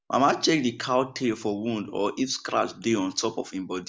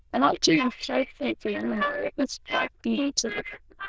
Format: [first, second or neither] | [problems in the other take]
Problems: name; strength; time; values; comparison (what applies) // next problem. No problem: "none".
first | noise reduction (neural diffusion model UNIVERSE++)